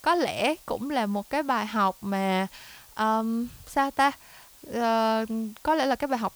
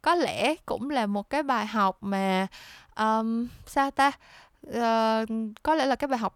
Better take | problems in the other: second | hiss; faint; throughout; 25 dB below the speech

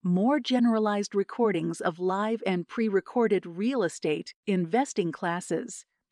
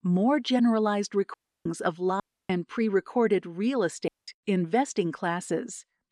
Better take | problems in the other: first | audio cutting out; at 1.5 s, at 2 s and at 4 s

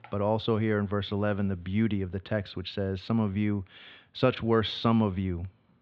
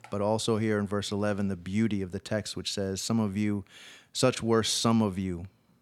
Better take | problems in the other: second | muffled; slightly; fading above 3.5 kHz

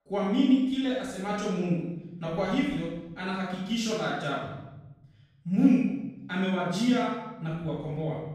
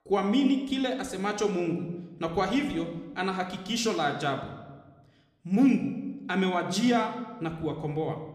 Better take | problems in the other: second | room echo; strong; dies away in 1 s; slight in the second // off-mic speech; far

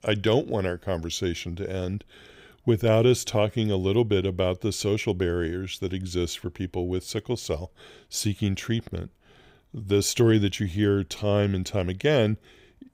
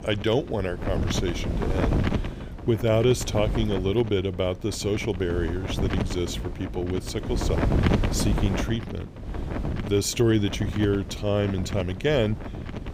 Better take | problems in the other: first | wind noise on the microphone; heavy; 7 dB below the speech

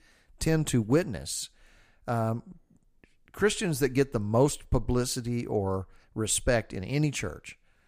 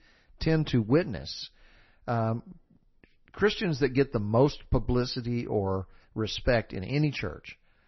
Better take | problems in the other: first | garbled, watery; slightly; nothing above 6 kHz

